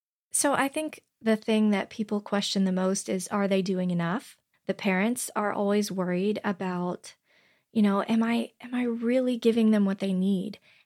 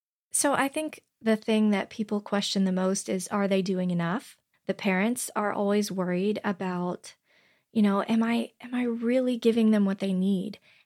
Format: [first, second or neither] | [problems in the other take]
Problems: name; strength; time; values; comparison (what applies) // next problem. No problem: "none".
neither | none